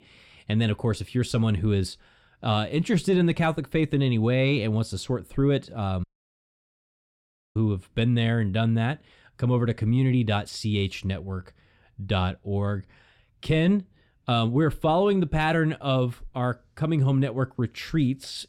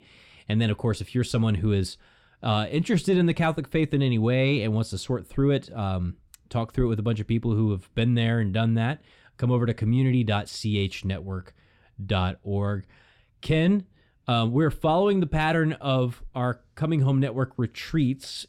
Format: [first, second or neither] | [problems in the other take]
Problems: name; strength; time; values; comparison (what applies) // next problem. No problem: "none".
second | audio cutting out; at 6 s for 1.5 s